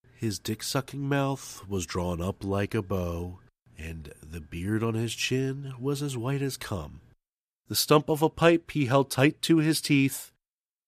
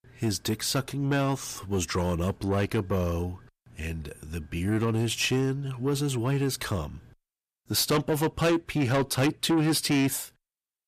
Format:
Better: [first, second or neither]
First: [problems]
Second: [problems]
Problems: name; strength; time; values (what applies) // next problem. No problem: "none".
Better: first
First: none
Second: distortion; heavy; 7 dB below the speech